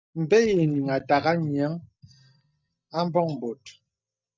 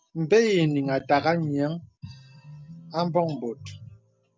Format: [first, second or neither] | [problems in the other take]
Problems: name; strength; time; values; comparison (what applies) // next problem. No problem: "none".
second | noise reduction (neural mask model DeepFilterNet 3)